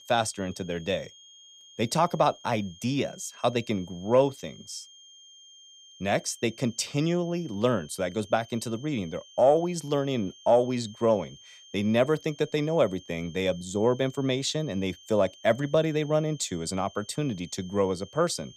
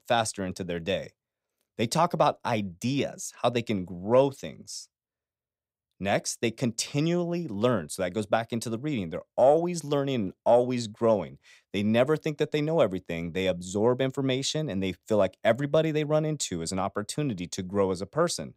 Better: second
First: high-pitched whine; faint; throughout; 3 kHz, 20 dB below the speech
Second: none

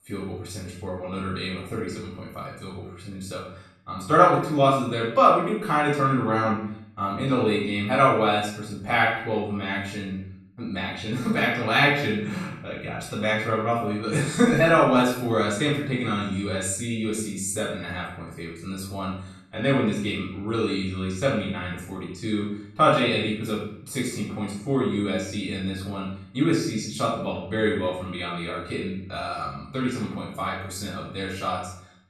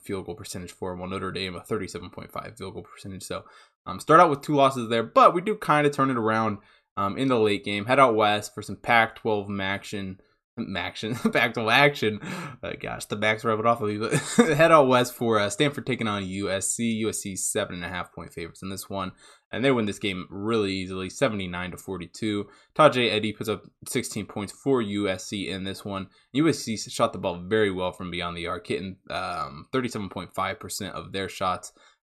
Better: second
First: off-mic speech; far // room echo; noticeable; dies away in 0.6 s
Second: none

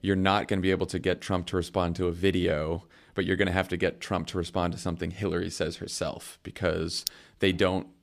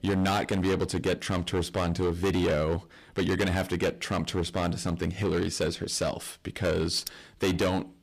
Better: first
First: none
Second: distortion; heavy; 13% of the sound clipped

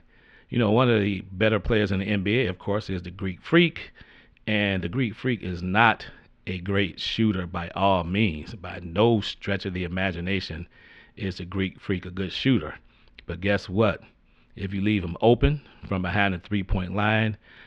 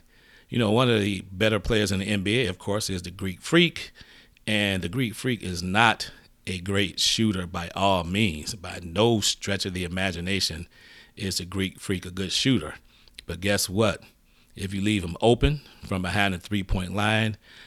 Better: second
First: muffled; slightly; fading above 3 kHz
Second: none

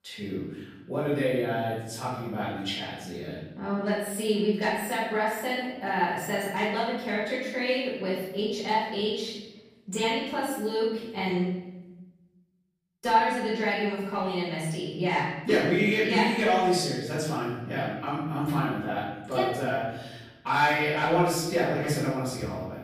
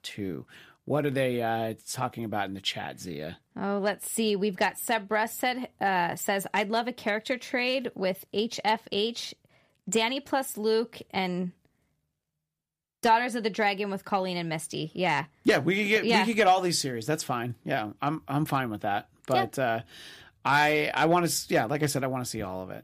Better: second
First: off-mic speech; far // room echo; noticeable; dies away in 1 s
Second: none

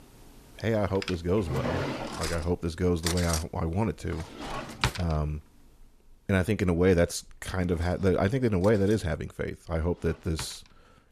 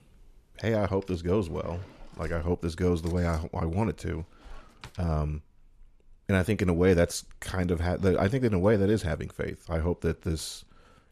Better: second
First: household noises; loud; throughout; 6 dB below the speech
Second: household noises; faint; throughout; 25 dB below the speech

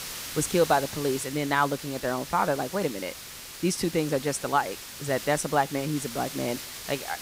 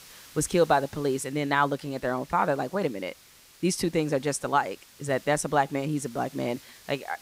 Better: second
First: hiss; loud; throughout; 9 dB below the speech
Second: hiss; faint; throughout; 20 dB below the speech

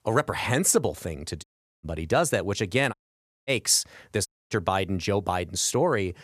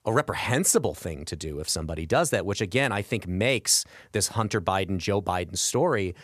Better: second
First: audio cutting out; at 1.5 s, at 3 s for 0.5 s and at 4.5 s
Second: none

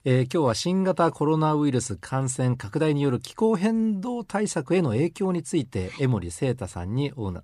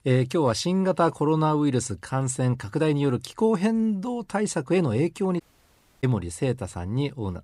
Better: first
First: none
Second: audio cutting out; at 5.5 s for 0.5 s

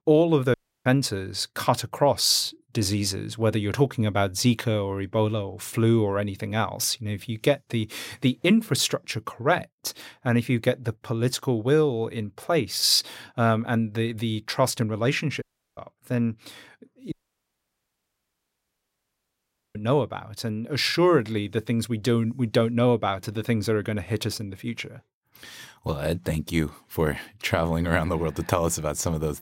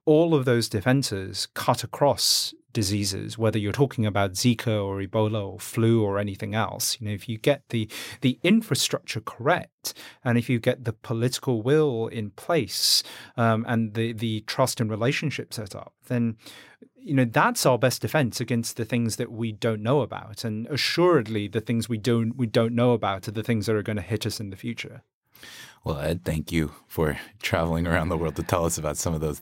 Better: second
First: audio cutting out; at 0.5 s, at 15 s and at 17 s for 2.5 s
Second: none

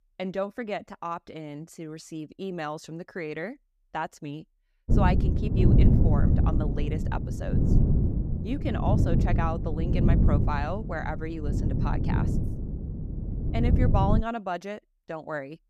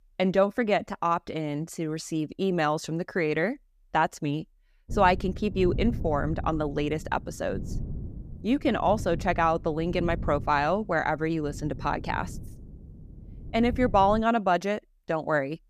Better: second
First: wind noise on the microphone; heavy; from 5 to 14 s; 3 dB below the speech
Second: wind noise on the microphone; occasional gusts; from 5 to 14 s; 20 dB below the speech

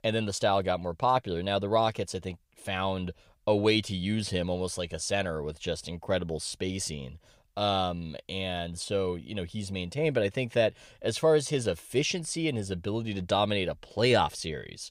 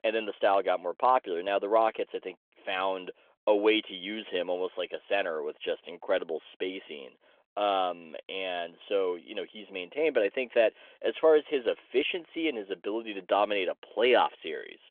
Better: first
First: none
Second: phone-call audio; nothing above 3.5 kHz

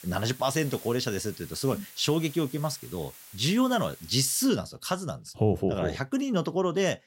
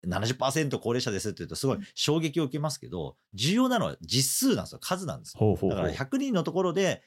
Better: second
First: hiss; noticeable; until 4.5 s; 15 dB below the speech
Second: none

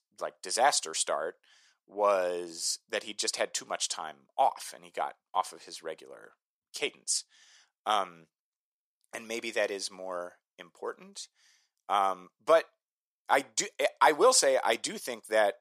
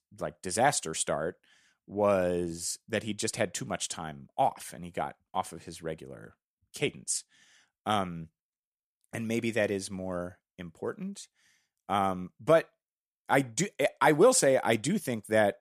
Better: second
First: thin; somewhat; fading below 500 Hz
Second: none

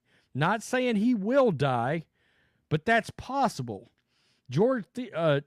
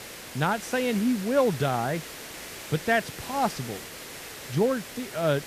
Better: first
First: none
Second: hiss; noticeable; throughout; 10 dB below the speech

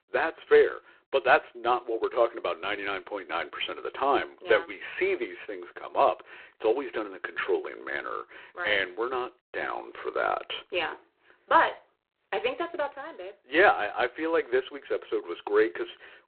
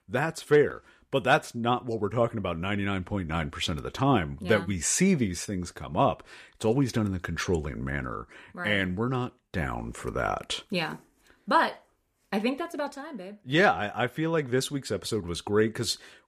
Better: second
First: phone-call audio; poor line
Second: none

